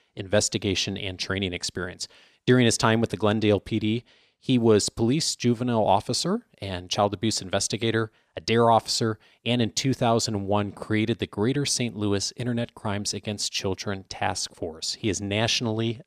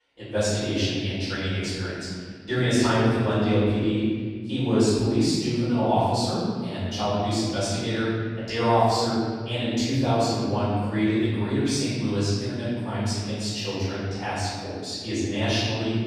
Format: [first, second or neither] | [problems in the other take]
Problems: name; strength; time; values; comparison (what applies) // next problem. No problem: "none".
first | off-mic speech; far // room echo; strong; dies away in 2 s